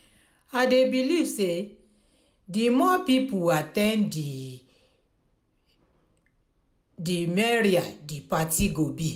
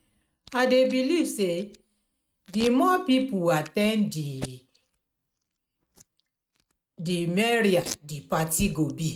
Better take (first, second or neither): first